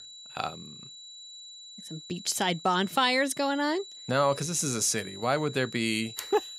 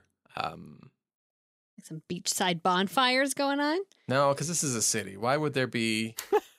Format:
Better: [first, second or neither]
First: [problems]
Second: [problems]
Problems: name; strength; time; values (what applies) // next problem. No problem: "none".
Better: second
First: high-pitched whine; noticeable; throughout; 4 kHz, 15 dB below the speech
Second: none